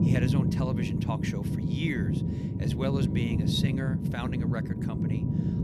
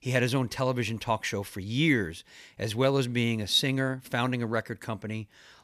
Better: second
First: low rumble; loud; throughout; as loud as the speech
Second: none

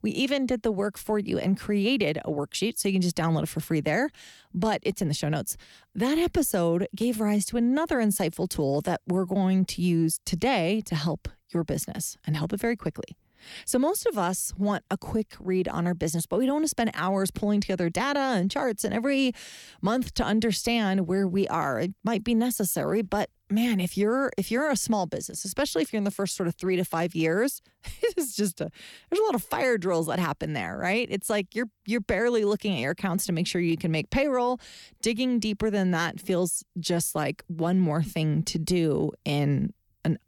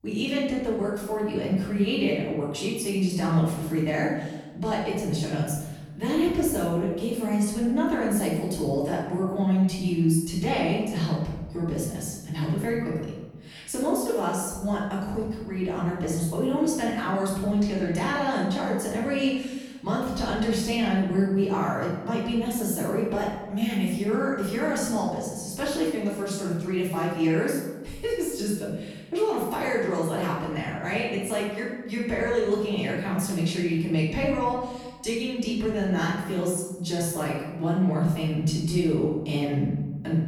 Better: first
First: none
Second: off-mic speech; far // room echo; noticeable; dies away in 1 s

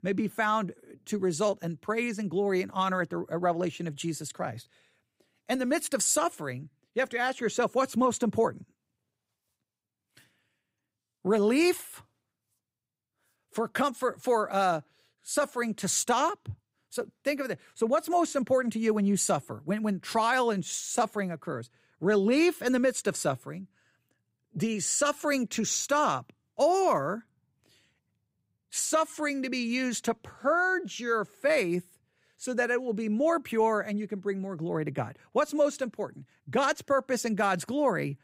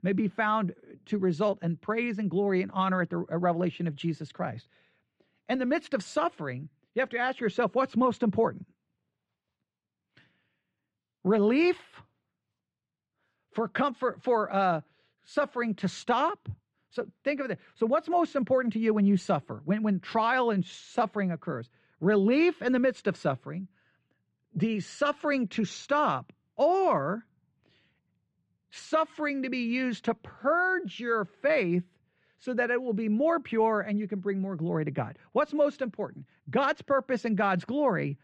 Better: first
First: none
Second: muffled; slightly; fading above 3.5 kHz

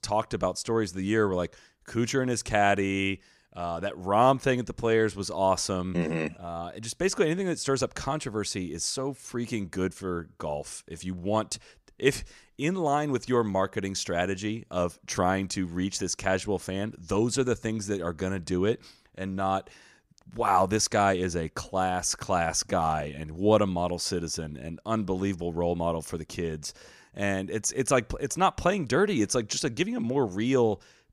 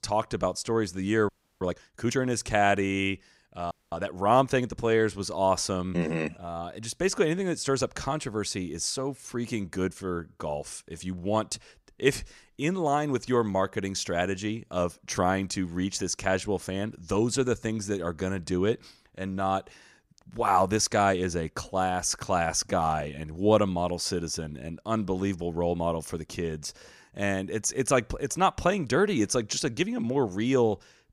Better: first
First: none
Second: audio freezing; at 1.5 s and at 3.5 s

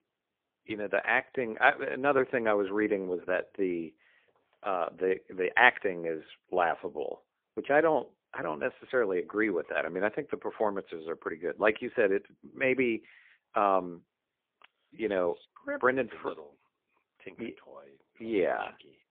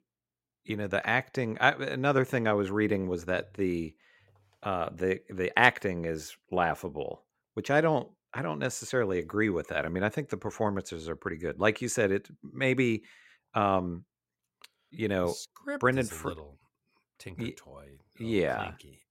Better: second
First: phone-call audio; poor line; nothing above 3 kHz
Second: none

